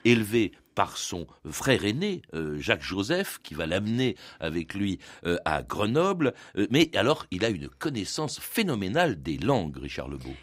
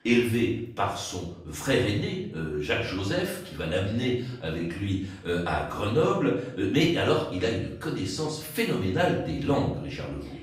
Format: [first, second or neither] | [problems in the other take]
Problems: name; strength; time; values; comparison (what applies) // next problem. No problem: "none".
first | off-mic speech; far // room echo; noticeable; dies away in 0.6 s